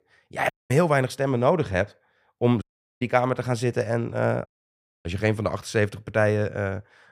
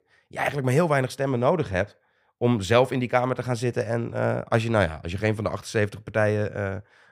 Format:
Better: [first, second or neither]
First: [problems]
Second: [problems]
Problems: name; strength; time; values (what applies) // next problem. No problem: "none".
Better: second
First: audio cutting out; at 0.5 s, at 2.5 s and at 4.5 s for 0.5 s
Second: none